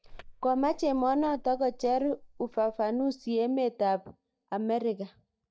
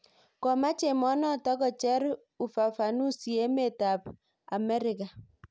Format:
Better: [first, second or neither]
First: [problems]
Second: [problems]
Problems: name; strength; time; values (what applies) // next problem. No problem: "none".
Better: second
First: noise reduction (neural mask model DeepFilterNet 3)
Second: none